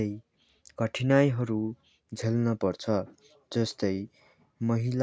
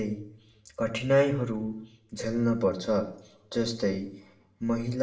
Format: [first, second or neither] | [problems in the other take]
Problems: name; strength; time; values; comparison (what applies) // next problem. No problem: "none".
first | room echo; dies away in 0.6 s